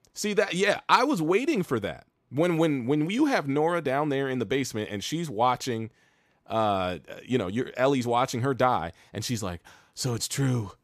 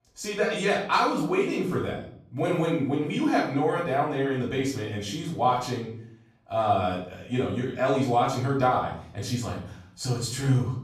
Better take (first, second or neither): first